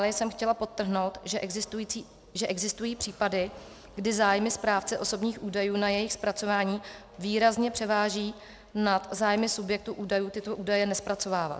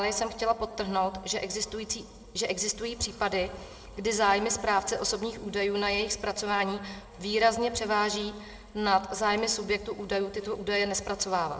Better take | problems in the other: first | room echo; dies away in 1.3 s

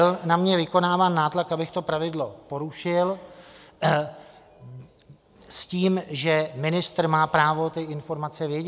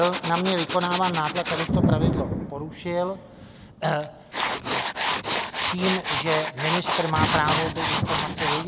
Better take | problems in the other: first | background sound (Thunder + Tools); 1 dB above the speech

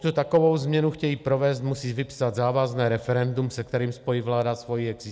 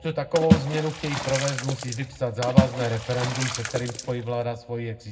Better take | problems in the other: first | background sound (Water / Splash, splatter); as loud as the speech // room echo; dies away in 0.3 s

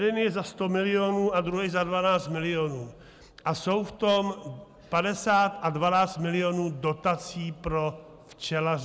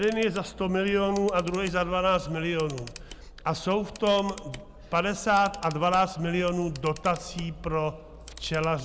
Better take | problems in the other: first | background sound (Camera); 17 dB below the speech

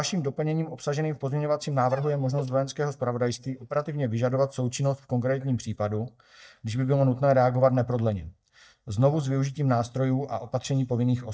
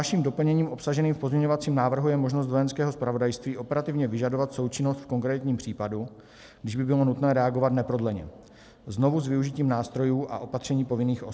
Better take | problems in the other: second | noise reduction (neural mask model DeepFilterNet 3)

